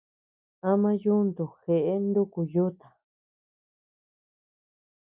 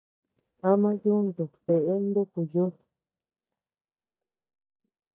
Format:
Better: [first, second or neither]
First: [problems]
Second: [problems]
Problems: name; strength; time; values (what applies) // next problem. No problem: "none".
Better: first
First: none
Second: noise reduction (neural mask model DeepFilterNet 3)